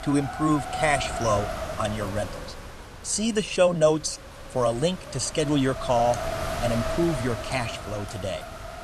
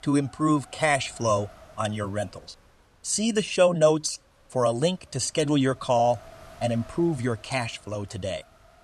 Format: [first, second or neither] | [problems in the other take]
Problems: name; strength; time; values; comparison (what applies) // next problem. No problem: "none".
second | wind noise on the microphone; heavy; 6 dB below the speech; occasional gusts in the second